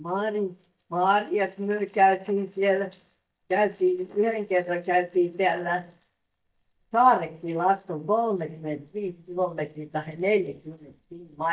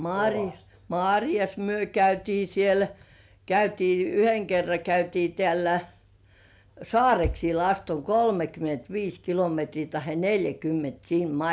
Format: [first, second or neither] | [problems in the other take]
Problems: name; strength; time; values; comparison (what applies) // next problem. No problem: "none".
second | noise reduction (neural mask model DeepFilterNet 3)